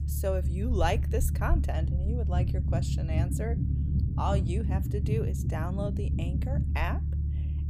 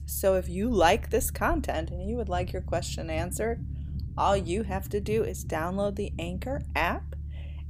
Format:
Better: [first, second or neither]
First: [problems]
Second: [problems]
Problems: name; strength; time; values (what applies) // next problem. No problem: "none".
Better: second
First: low rumble; loud; throughout; 7 dB below the speech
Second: low rumble; faint; throughout; 20 dB below the speech